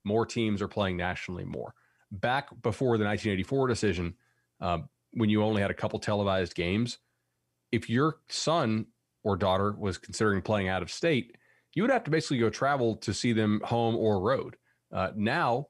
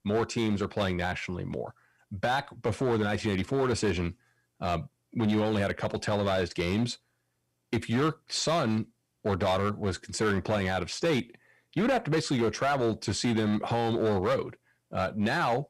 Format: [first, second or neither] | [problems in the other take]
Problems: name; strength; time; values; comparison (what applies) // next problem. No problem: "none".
first | distortion; slight; 8% of the sound clipped